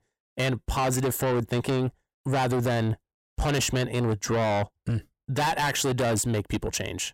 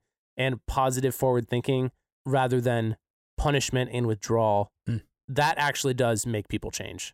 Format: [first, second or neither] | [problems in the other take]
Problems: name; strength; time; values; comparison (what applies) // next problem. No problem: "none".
second | distortion; heavy; 7 dB below the speech